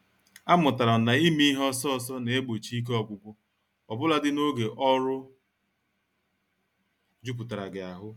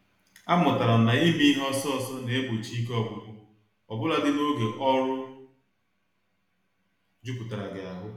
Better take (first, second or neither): first